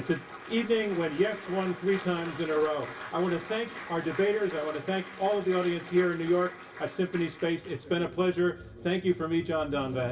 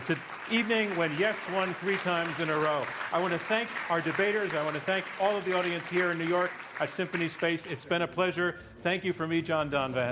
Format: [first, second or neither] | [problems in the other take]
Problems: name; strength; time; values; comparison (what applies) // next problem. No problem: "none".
second | room echo; dies away in 0.1 s